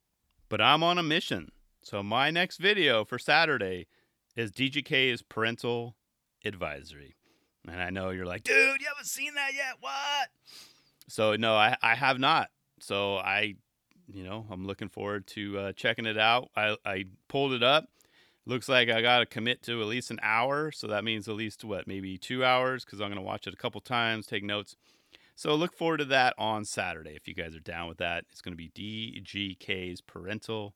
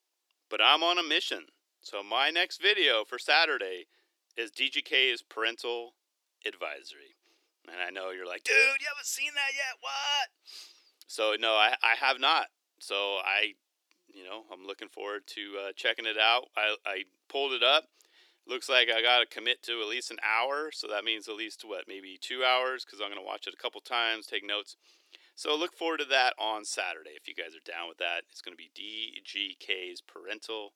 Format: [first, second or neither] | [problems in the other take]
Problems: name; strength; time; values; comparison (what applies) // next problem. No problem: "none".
first | thin; very; fading below 350 Hz